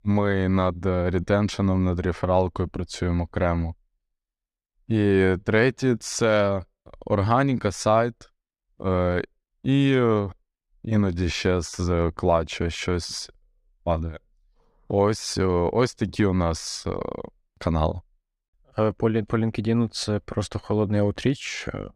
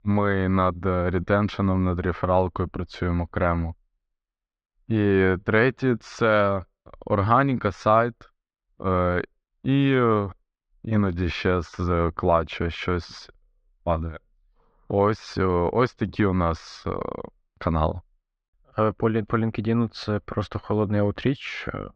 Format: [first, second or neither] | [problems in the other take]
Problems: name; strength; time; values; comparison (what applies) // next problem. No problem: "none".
first | muffled; slightly; fading above 3.5 kHz